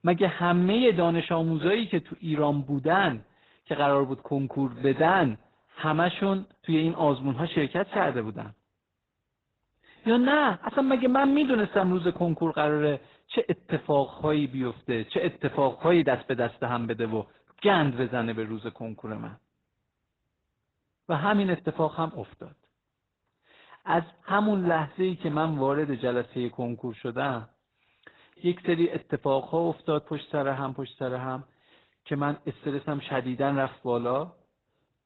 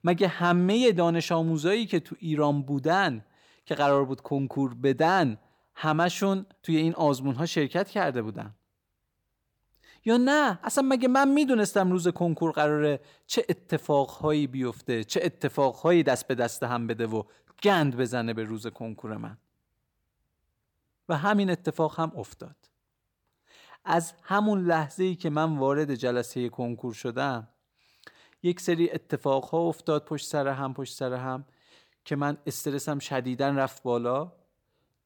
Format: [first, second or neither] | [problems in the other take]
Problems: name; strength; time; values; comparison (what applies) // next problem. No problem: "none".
second | garbled, watery; badly; nothing above 4 kHz